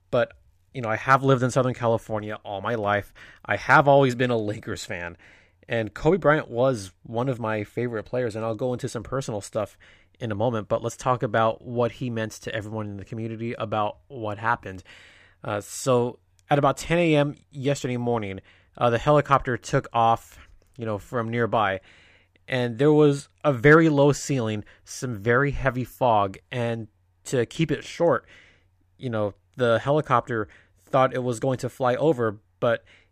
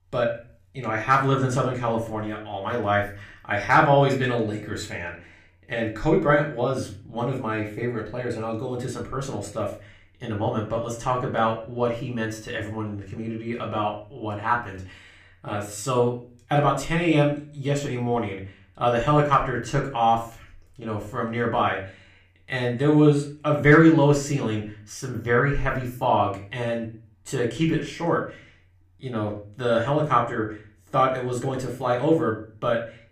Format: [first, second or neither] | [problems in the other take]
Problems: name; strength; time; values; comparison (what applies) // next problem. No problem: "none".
first | room echo; slight; dies away in 0.4 s // off-mic speech; somewhat distant